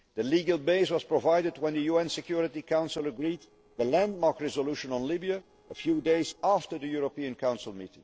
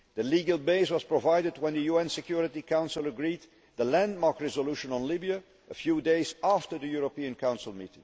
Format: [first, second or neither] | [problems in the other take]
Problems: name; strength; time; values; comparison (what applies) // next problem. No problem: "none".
second | noise reduction (neural separator model SepFormer DNS4)